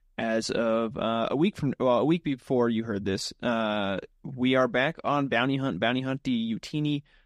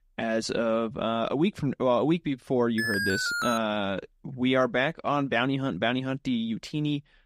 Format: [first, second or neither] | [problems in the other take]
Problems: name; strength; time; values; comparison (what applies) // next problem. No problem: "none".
first | alarm; loud; at 3 s; peak level with the speech